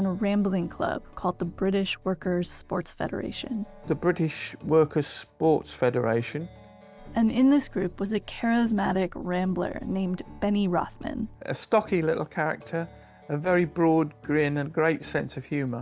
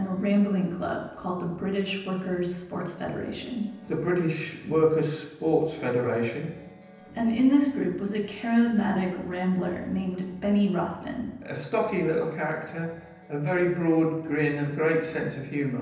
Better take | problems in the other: first | room echo; dies away in 0.9 s

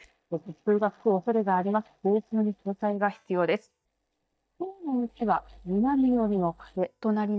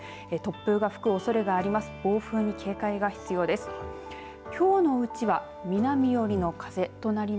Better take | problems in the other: second | noise reduction (neural mask model DeepFilterNet 3)

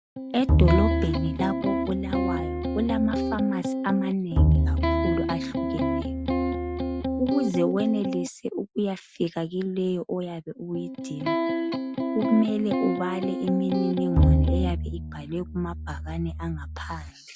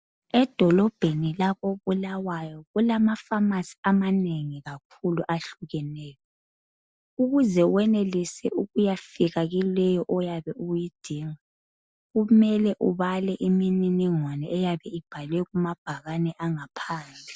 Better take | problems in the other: second | background sound (Bowed string instrument + Electric guitar); 3 dB above the speech

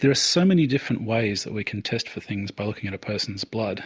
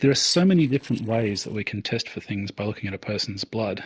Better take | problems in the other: first | noise reduction (neural separator model SepFormer DNS4)

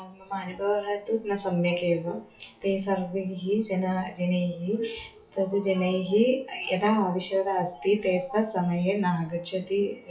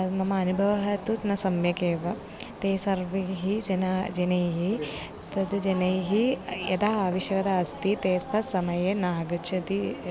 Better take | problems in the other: second | noise reduction (classical method WPE with log-MMSE)

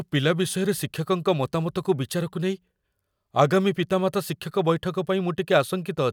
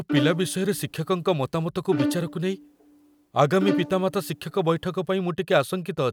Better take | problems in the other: first | background sound (Bowed string instrument); 7 dB below the speech

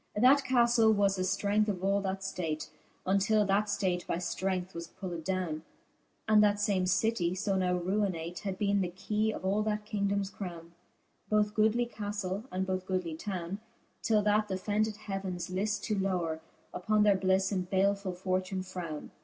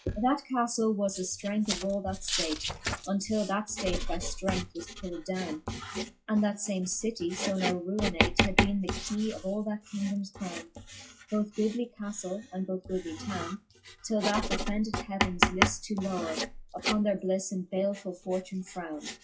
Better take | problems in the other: first | noise reduction (classical method log-MMSE)

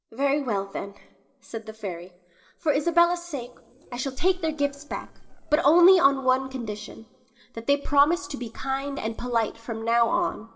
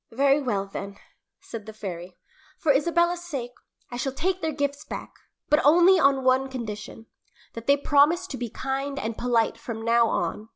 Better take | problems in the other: second | noise reduction (neural separator model SepFormer DNS4)

